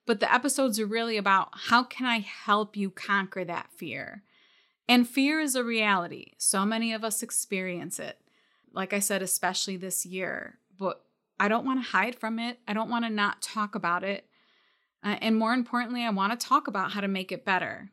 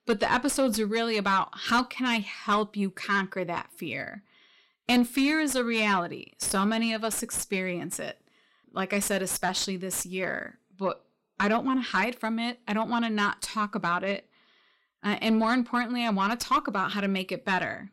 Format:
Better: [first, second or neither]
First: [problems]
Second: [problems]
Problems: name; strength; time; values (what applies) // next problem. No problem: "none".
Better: first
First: none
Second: distortion; slight; 10 dB below the speech